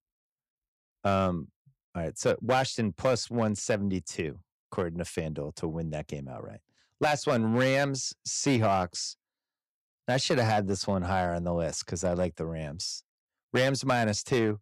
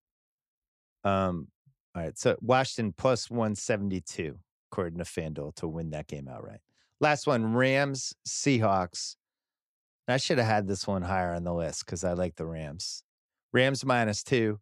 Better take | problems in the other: second | distortion; slight; 3% of the sound clipped

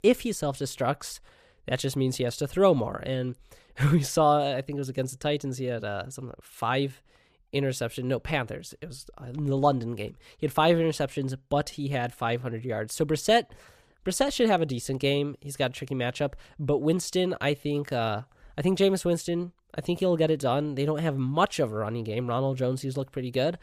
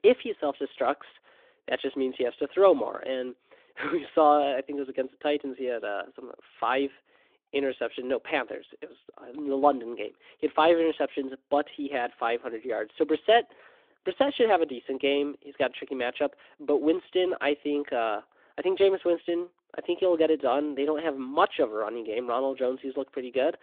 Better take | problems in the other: first | phone-call audio

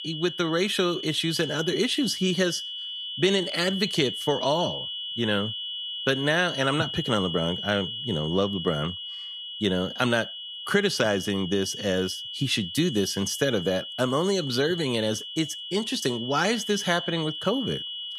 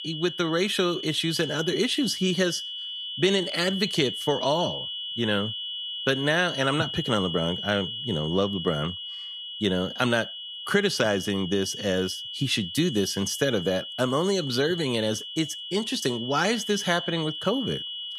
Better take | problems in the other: neither | high-pitched whine; loud; throughout; 3 kHz, 6 dB below the speech; the same in both

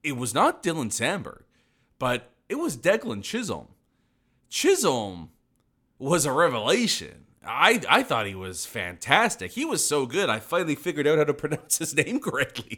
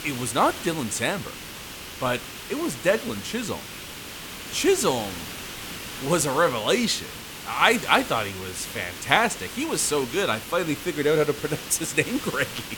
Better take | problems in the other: first | hiss; noticeable; throughout; 10 dB below the speech

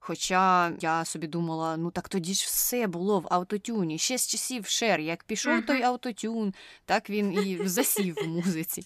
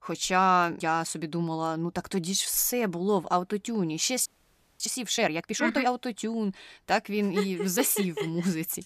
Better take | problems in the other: first | audio freezing; at 4.5 s for 0.5 s

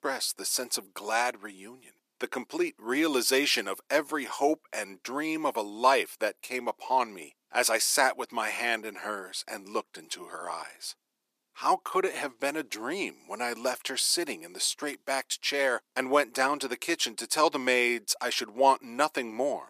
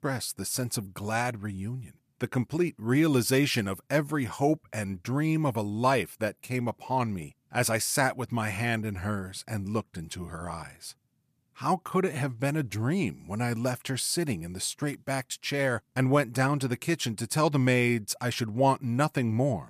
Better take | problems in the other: second | thin; somewhat; fading below 350 Hz

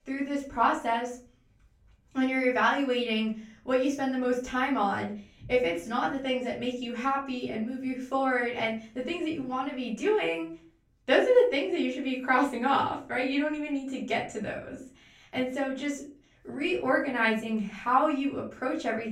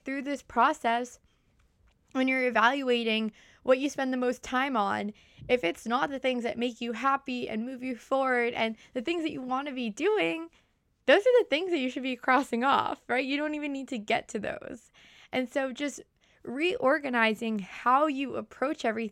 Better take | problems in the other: second | off-mic speech; far // room echo; slight; dies away in 0.4 s

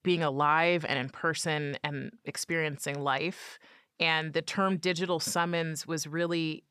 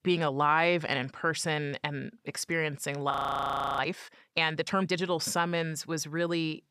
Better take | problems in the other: first | audio freezing; at 3 s for 0.5 s

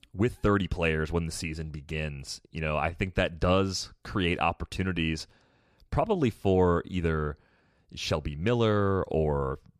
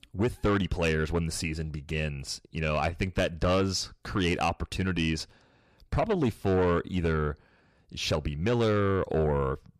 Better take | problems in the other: first | distortion; slight; 10 dB below the speech

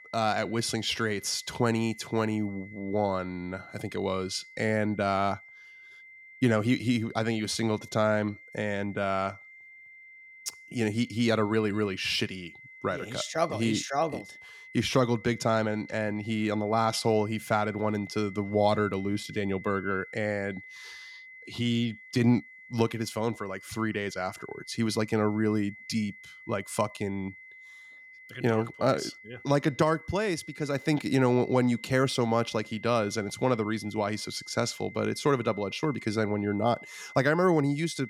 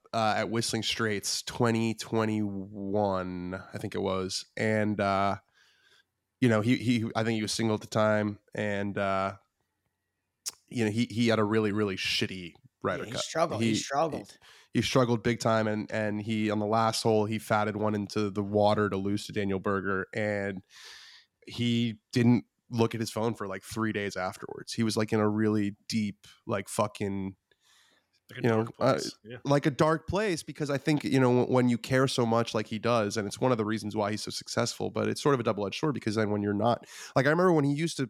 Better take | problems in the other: second | high-pitched whine; noticeable; throughout; 2 kHz, 20 dB below the speech

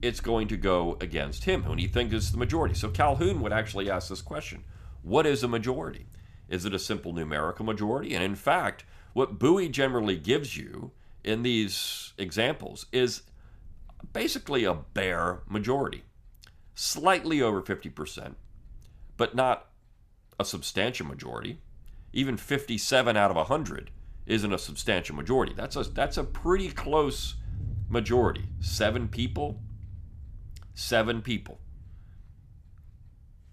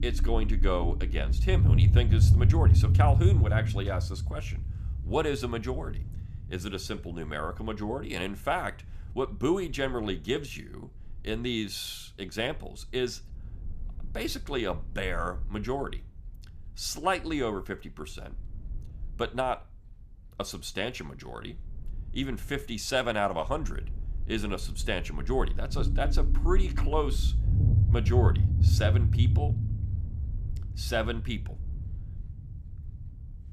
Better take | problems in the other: first | low rumble; loud; throughout; 9 dB below the speech; faint in the first

